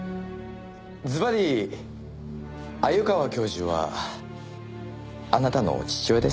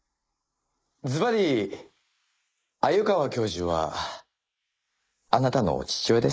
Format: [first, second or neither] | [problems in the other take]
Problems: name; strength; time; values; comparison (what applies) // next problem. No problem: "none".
first | noise reduction (neural mask model Resemble Enhance denoiser)